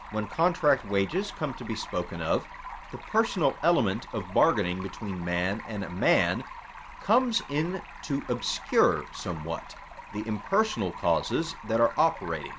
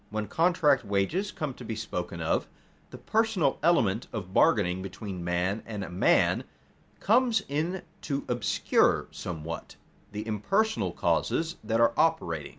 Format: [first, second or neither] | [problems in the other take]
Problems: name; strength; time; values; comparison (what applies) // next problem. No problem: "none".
second | background sound (Stream); 14 dB below the speech